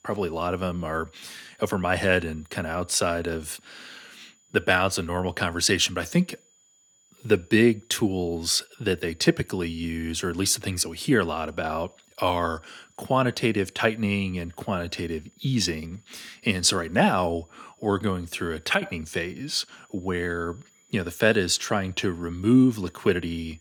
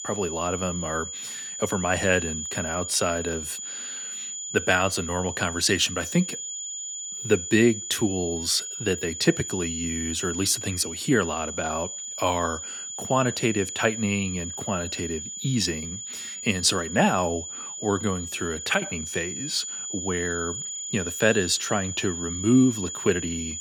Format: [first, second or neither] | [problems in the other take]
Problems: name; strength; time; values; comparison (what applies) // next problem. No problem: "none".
first | high-pitched whine; loud; throughout; 7 kHz, 6 dB below the speech; faint in the first